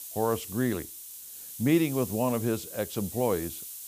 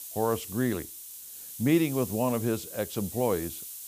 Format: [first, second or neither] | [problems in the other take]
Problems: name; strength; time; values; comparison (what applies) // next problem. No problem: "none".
neither | hiss; loud; throughout; 10 dB below the speech; the same in both